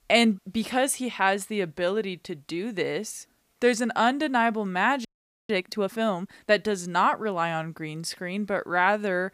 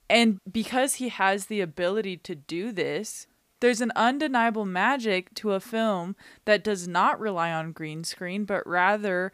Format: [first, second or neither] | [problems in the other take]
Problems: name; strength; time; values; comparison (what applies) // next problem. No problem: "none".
second | audio freezing; at 5 s